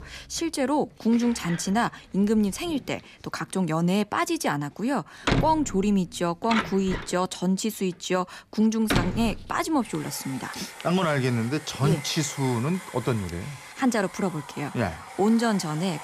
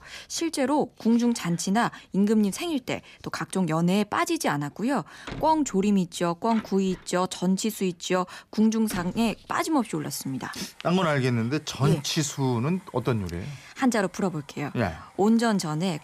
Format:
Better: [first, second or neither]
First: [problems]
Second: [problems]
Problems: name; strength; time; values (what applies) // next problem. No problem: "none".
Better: second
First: household noises; loud; throughout; 8 dB below the speech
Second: household noises; faint; throughout; 20 dB below the speech